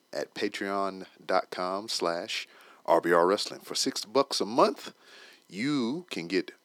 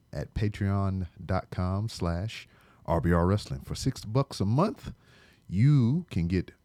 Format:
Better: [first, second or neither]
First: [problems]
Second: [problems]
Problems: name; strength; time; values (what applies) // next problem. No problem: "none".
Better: second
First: thin; very; fading below 300 Hz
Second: none